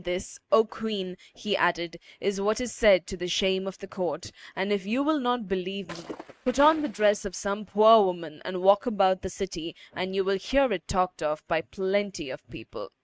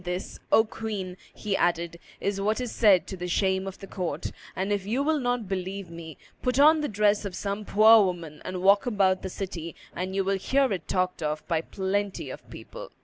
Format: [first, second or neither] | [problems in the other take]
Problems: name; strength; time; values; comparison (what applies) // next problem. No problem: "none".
second | noise reduction (neural mask model RNNoise)